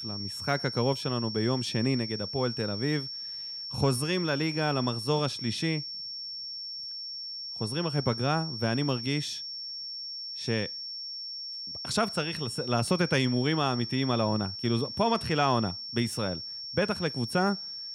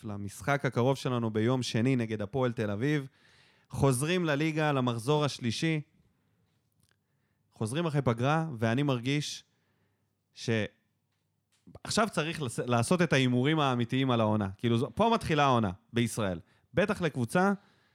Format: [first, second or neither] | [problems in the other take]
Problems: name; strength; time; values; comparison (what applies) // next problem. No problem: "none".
second | high-pitched whine; loud; throughout; 5.5 kHz, 6 dB below the speech